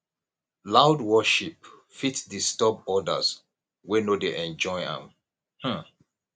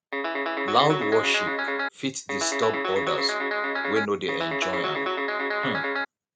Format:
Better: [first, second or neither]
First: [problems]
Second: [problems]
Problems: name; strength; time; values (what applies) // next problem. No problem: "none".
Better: first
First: none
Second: background sound (Guitar); 1 dB above the speech